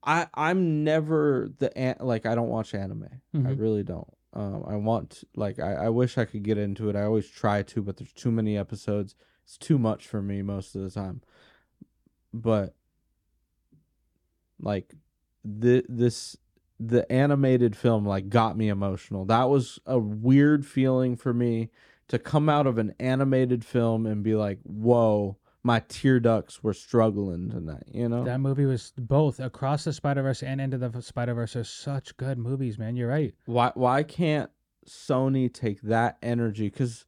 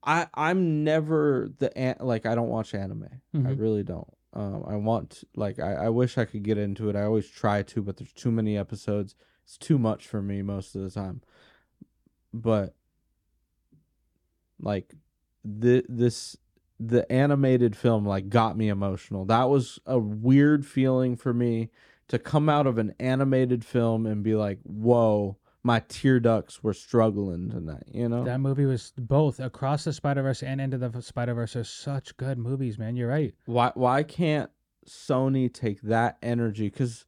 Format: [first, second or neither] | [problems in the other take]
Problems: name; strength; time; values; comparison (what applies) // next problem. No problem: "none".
neither | none